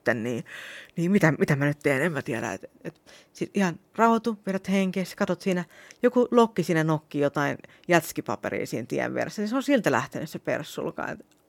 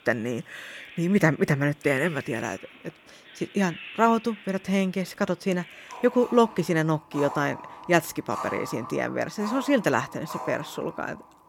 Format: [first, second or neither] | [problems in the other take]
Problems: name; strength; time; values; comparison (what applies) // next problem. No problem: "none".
first | animal sounds; noticeable; throughout; 15 dB below the speech